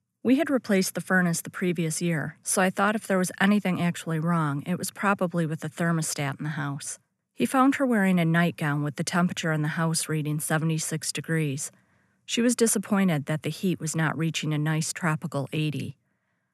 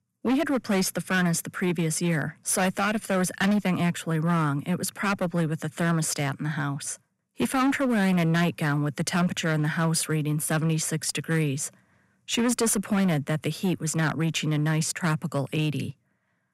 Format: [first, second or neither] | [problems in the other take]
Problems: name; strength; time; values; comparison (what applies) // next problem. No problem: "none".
first | distortion; slight; 10% of the sound clipped